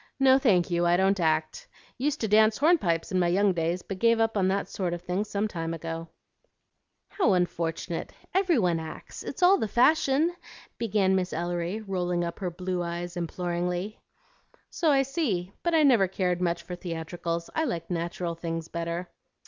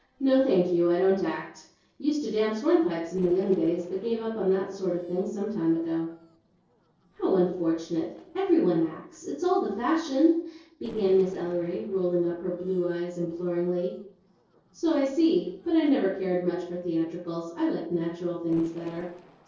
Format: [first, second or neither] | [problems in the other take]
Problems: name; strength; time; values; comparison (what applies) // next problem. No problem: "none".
first | noise reduction (neural separator model SepFormer DNS4)